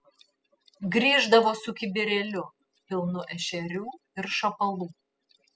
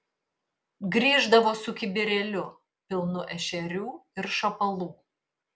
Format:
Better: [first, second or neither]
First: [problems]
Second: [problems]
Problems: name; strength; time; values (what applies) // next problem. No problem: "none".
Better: second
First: noise reduction (classical method spectral subtraction)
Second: none